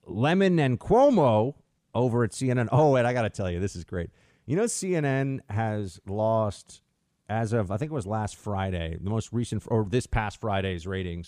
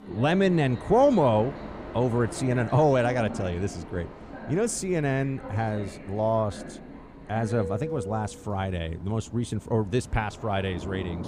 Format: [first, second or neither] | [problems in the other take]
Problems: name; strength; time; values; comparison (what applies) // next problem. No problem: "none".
first | train or aircraft noise; noticeable; throughout; 15 dB below the speech